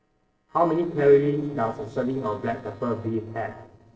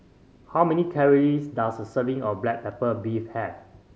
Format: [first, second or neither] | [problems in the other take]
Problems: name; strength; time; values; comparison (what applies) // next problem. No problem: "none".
second | noise reduction (neural separator model SepFormer DNS4)